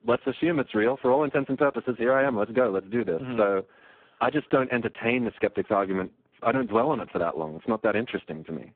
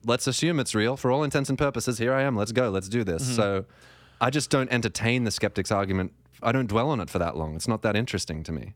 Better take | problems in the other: second | phone-call audio; poor line

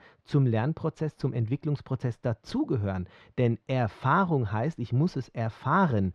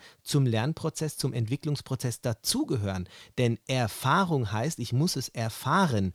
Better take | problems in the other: second | muffled; very; fading above 2 kHz

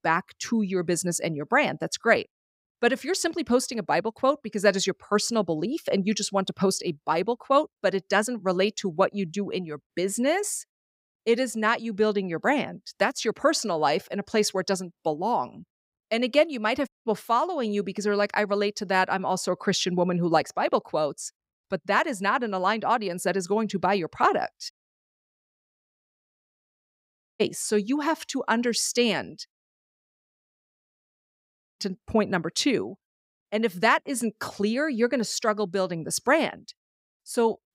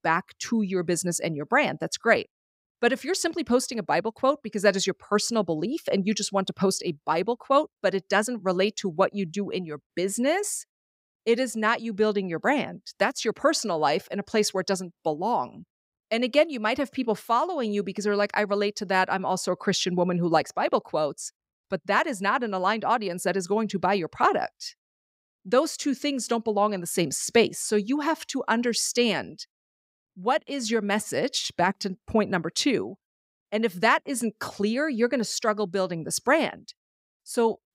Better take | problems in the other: second | audio cutting out; at 17 s, at 25 s for 2.5 s and at 30 s for 2 s

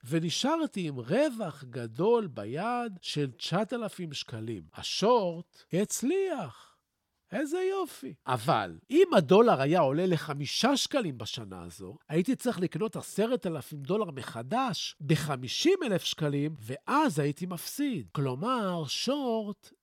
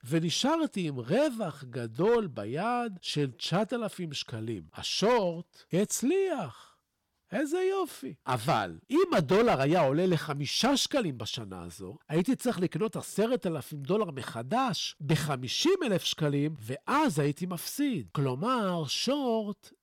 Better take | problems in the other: first | distortion; slight; 4% of the sound clipped

